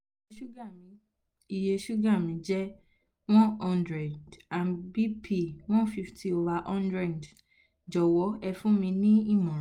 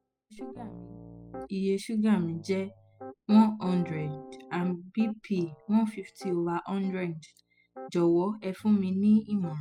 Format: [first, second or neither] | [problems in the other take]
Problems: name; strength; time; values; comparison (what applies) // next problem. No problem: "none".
first | noise reduction (classical method spectral subtraction)